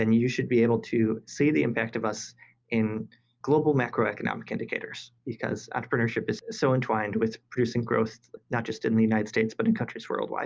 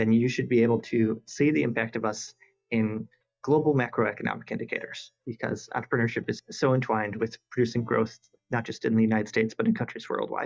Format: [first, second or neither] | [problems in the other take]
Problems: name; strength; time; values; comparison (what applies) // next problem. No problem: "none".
first | noise reduction (neural mask model DeepFilterNet 3)